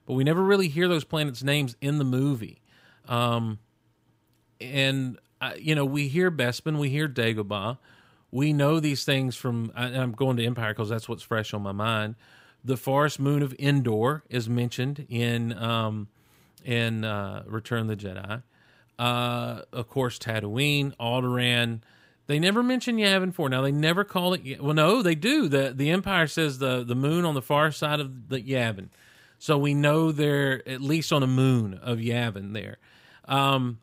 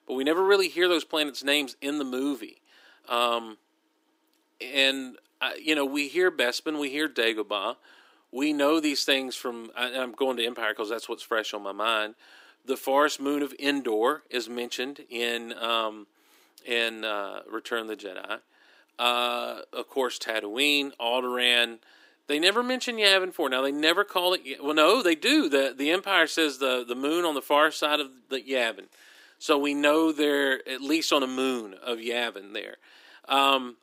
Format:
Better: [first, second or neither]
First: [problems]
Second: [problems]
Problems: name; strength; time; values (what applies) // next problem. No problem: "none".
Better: first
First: none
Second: thin; somewhat; fading below 300 Hz